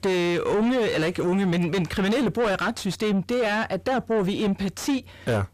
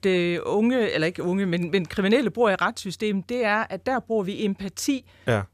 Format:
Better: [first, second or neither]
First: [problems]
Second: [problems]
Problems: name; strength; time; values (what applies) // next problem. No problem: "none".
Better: second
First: distortion; heavy; 7 dB below the speech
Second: none